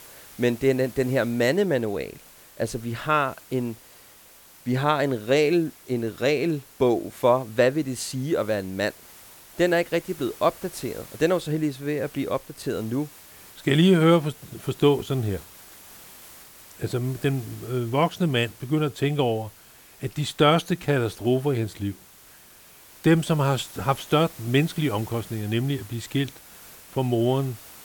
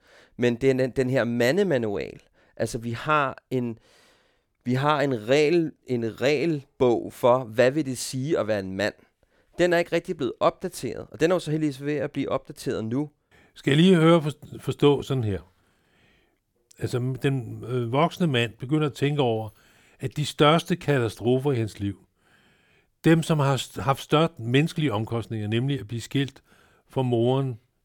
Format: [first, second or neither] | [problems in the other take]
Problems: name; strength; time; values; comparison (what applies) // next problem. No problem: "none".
second | hiss; faint; throughout; 20 dB below the speech